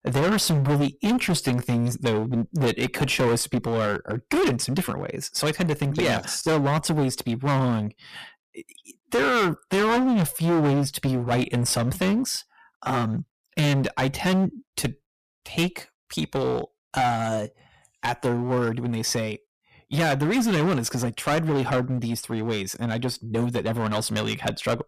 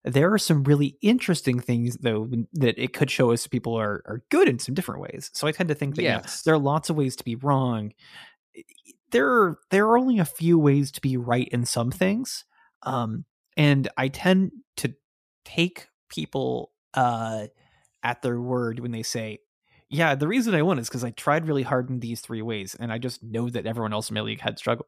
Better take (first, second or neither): second